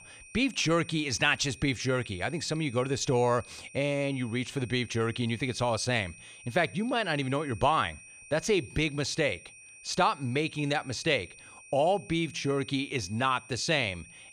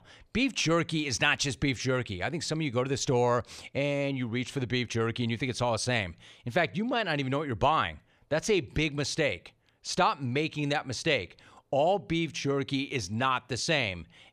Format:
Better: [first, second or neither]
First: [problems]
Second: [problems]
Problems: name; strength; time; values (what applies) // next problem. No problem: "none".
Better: second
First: high-pitched whine; noticeable; throughout; 2.5 kHz, 20 dB below the speech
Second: none